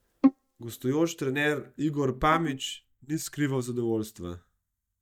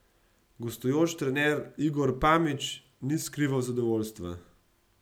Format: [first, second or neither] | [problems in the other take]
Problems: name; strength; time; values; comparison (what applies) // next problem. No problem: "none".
second | noise reduction (neural mask model DeepFilterNet 3)